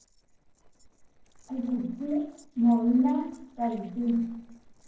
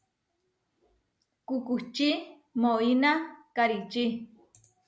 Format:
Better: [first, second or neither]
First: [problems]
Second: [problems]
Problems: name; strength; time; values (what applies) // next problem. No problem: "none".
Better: second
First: noise reduction (neural separator model SepFormer DNS4)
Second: none